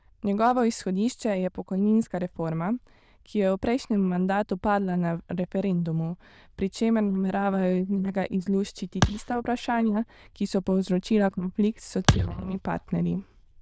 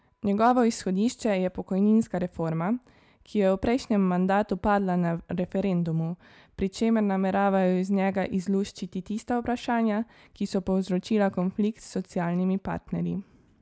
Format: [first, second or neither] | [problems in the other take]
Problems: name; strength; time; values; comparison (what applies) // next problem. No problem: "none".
second | noise reduction (neural diffusion model UNIVERSE++)